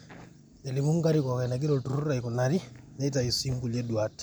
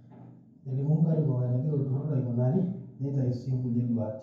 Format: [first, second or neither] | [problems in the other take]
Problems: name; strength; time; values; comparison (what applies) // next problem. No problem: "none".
first | room echo; dies away in 0.9 s